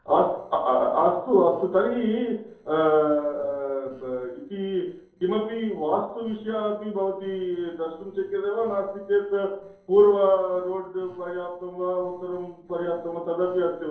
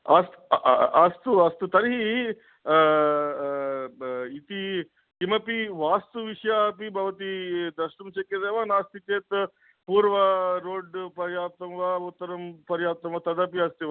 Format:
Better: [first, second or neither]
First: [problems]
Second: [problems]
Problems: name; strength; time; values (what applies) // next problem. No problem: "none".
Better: second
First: noise reduction (neural separator model SepFormer DNS4)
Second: none